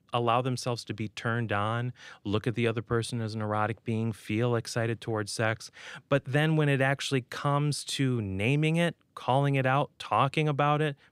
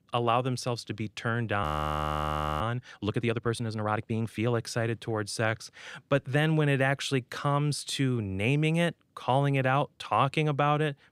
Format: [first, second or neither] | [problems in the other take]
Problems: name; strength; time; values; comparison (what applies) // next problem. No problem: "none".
first | audio freezing; at 1.5 s for 1 s